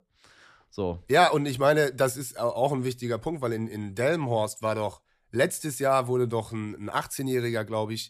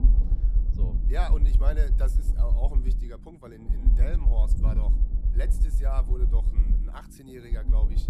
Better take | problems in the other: first | low rumble; loud; throughout; 6 dB below the speech

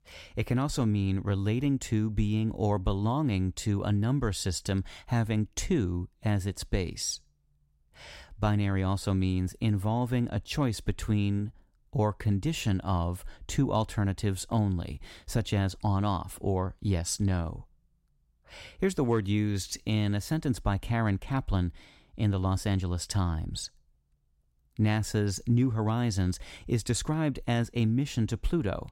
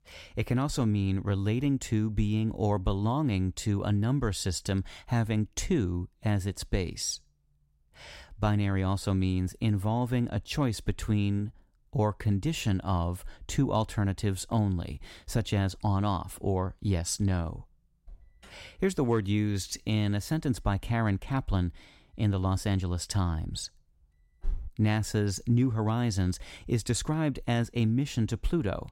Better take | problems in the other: first | alarm; noticeable; at 24 s; peak 10 dB below the speech

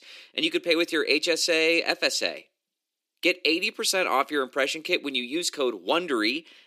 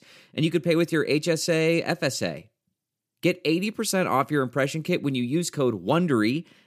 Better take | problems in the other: second | thin; somewhat; fading below 300 Hz

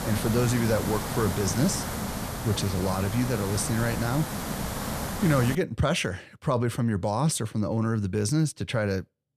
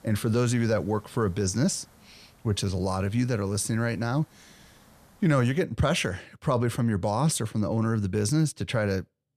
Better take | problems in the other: second | hiss; loud; until 5.5 s; 5 dB below the speech; faint in the second

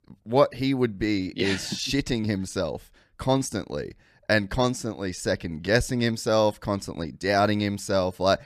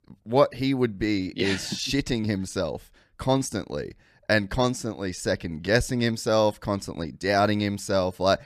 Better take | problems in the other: neither | none

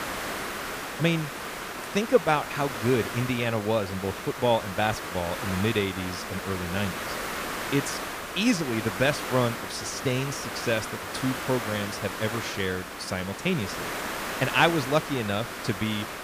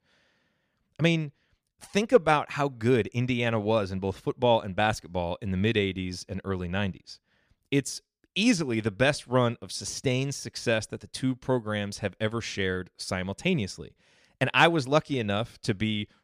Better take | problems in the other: second | hiss; loud; throughout; 5 dB below the speech

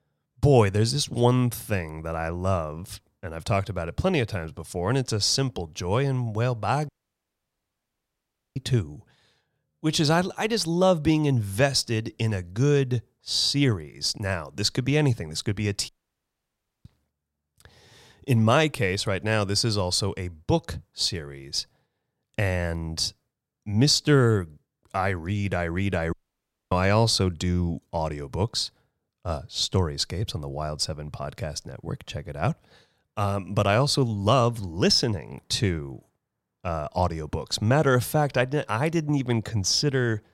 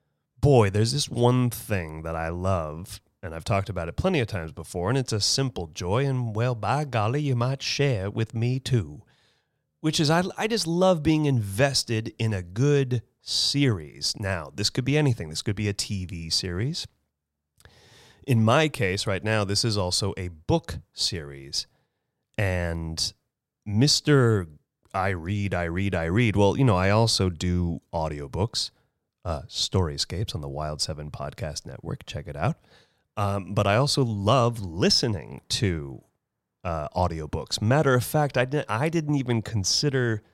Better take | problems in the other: second | audio cutting out; at 7 s for 1.5 s, at 16 s for 1 s and at 26 s for 0.5 s

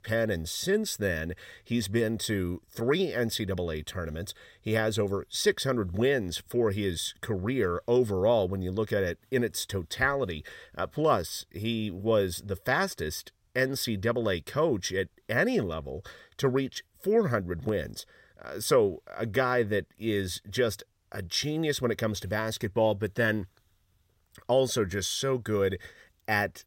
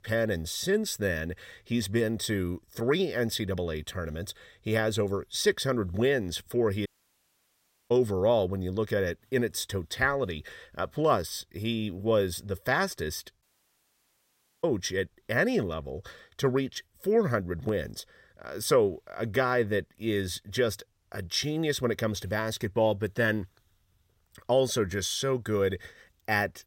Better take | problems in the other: first | audio cutting out; at 7 s for 1 s and at 13 s for 1 s

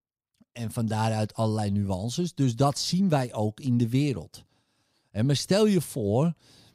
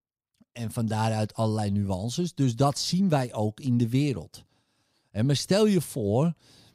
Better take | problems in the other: neither | none

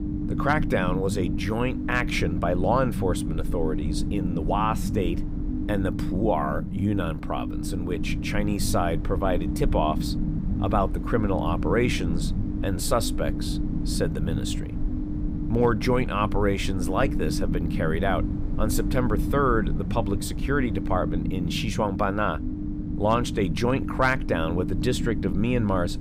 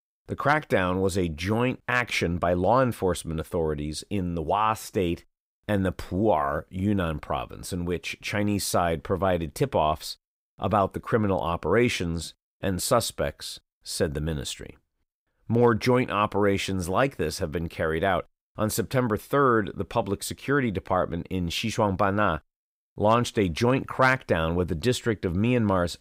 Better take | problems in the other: second | low rumble; loud; throughout; 9 dB below the speech

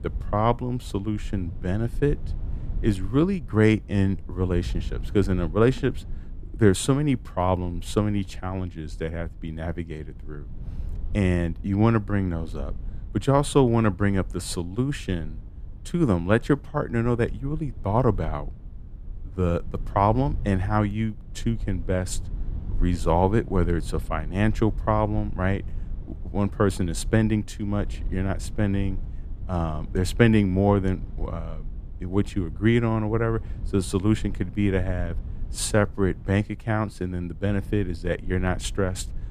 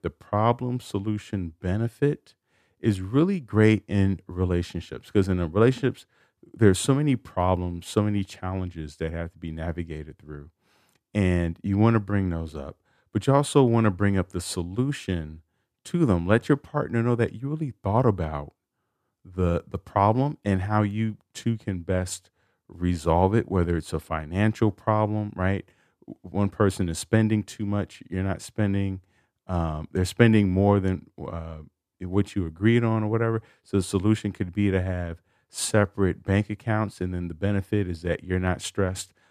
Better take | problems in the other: second | low rumble; faint; throughout; 25 dB below the speech

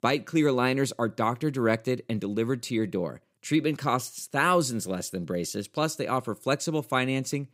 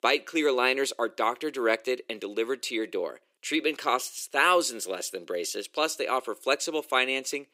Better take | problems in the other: first | thin; somewhat; fading below 400 Hz

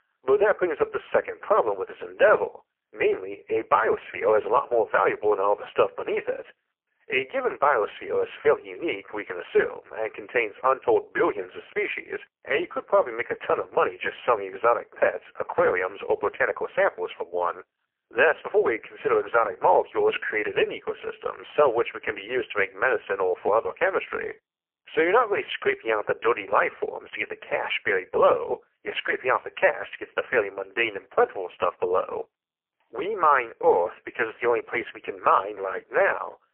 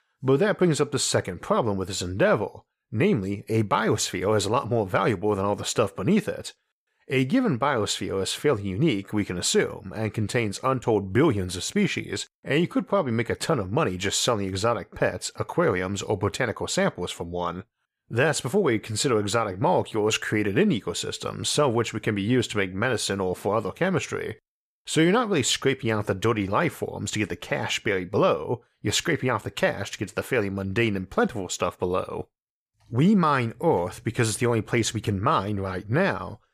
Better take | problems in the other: second | phone-call audio; poor line; nothing above 3 kHz

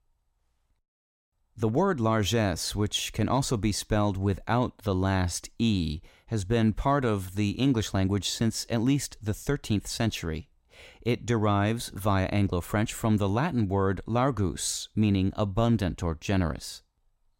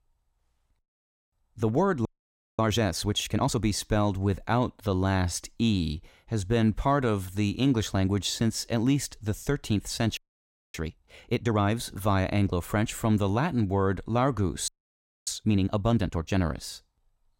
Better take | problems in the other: first | audio freezing; at 2 s for 0.5 s, at 10 s for 0.5 s and at 15 s for 0.5 s

